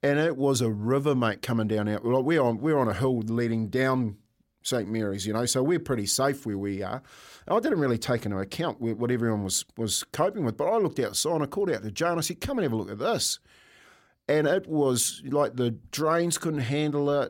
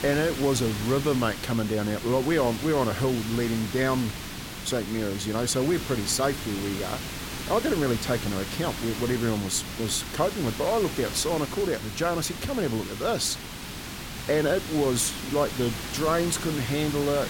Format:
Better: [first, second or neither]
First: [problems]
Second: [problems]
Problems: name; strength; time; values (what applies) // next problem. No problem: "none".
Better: first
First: none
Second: hiss; loud; throughout; 7 dB below the speech